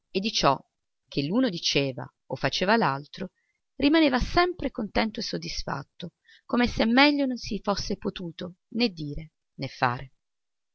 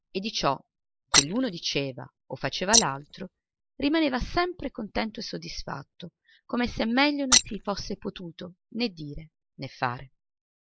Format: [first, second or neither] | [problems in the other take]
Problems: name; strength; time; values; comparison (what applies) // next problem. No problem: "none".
first | noise reduction (neural mask model Resemble Enhance denoiser)